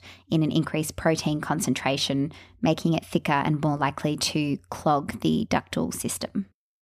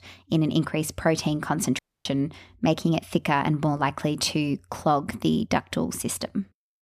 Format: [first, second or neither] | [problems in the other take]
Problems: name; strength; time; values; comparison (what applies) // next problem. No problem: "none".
first | audio cutting out; at 2 s